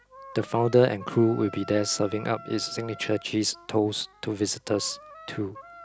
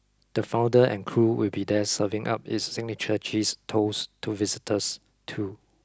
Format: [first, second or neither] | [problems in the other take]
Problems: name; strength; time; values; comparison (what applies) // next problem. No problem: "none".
second | background sound (Wind instrument, woodwind instrument); 19 dB below the speech